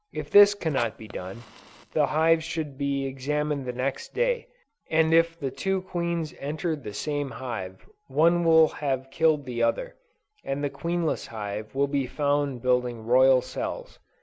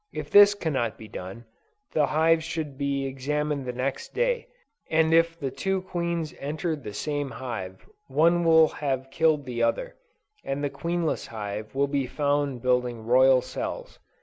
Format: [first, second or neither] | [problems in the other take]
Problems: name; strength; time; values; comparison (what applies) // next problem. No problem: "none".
second | background sound (Fire); 17 dB below the speech